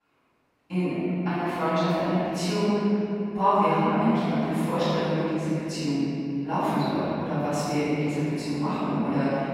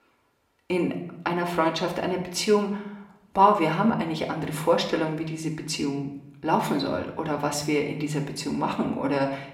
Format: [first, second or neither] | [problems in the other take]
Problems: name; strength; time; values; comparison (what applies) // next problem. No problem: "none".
second | room echo; strong; dies away in 3 s; slight in the second // off-mic speech; far; somewhat distant in the second